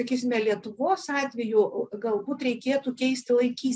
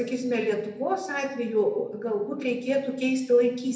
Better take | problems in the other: first | room echo; dies away in 0.8 s

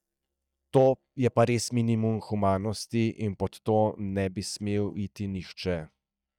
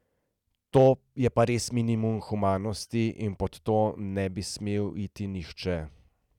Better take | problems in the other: second | noise reduction (neural mask model DeepFilterNet 3)

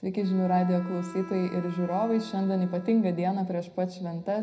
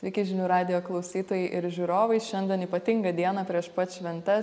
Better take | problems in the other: second | background sound (Bowed string instrument); 19 dB below the speech // room echo; dies away in 0.5 s

